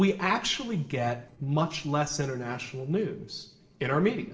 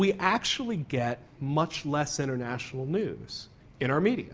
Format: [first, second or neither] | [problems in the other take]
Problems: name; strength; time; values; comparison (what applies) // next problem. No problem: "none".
second | noise reduction (neural separator model SepFormer DNS4)